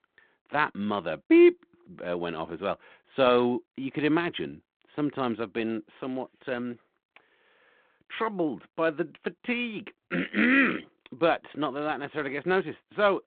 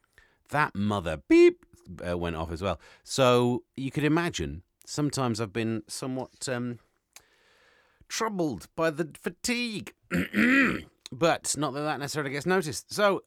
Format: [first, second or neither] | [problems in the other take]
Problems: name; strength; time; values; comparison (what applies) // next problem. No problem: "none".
second | phone-call audio